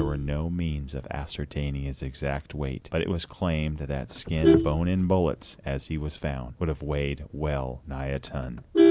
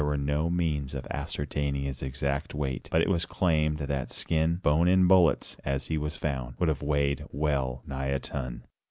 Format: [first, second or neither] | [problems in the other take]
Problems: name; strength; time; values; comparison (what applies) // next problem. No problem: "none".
second | background sound (Vehicle horn, car horn, honking); 1 dB below the speech